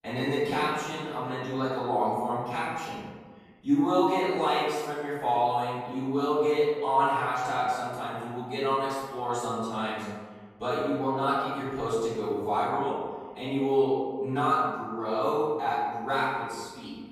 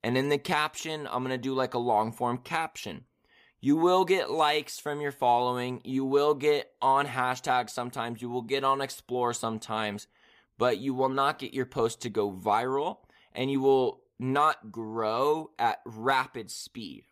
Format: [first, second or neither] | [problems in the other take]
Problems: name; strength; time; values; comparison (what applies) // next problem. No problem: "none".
second | off-mic speech; far // room echo; strong; dies away in 1.3 s